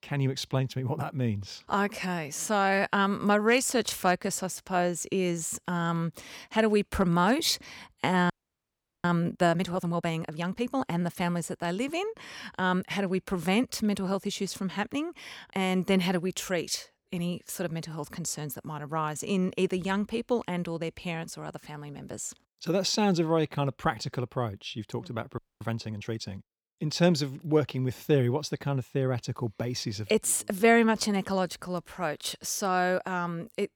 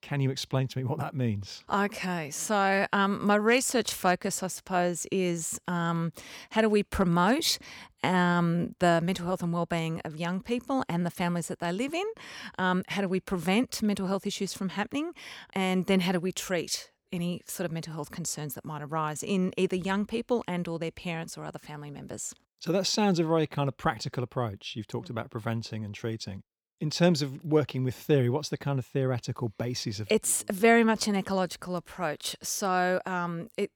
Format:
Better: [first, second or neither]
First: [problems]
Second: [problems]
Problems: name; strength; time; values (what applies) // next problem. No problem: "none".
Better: second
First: audio freezing; at 8.5 s for 0.5 s and at 25 s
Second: none